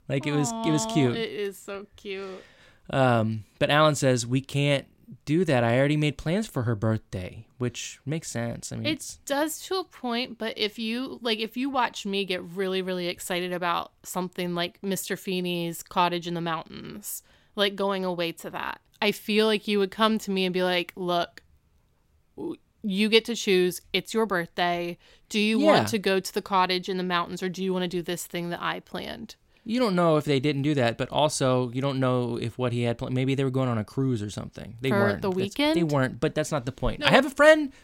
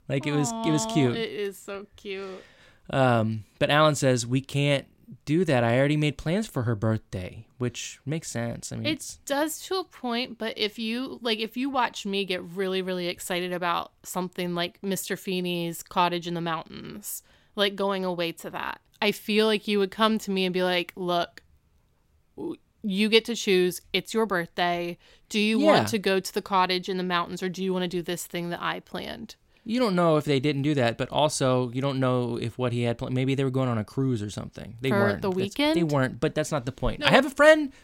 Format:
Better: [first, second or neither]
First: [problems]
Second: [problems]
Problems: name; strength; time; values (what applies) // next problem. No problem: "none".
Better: neither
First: none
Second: none